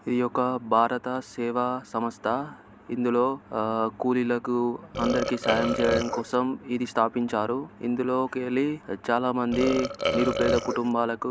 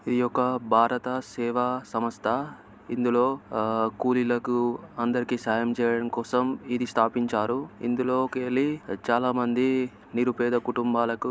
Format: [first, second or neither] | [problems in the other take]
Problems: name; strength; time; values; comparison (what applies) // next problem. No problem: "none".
second | background sound (Burping, eructation); 2 dB below the speech